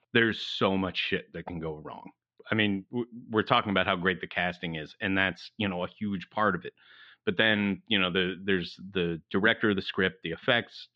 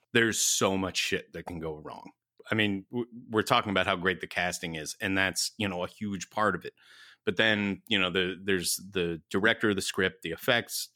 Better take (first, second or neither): second